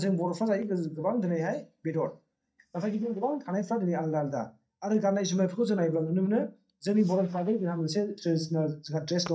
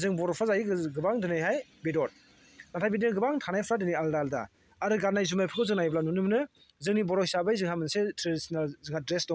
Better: second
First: noise reduction (neural mask model DeepFilterNet 3)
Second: none

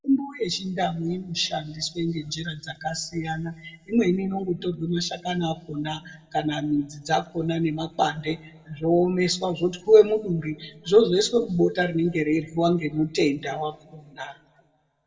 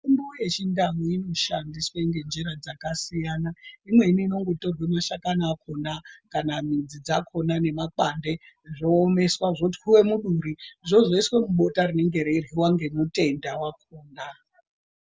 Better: second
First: room echo; dies away in 1 s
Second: none

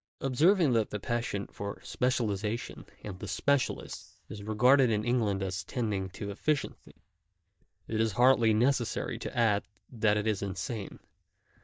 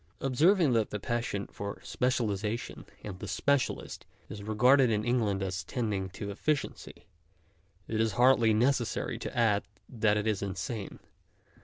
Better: second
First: noise reduction (neural mask model DeepFilterNet 3)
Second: none

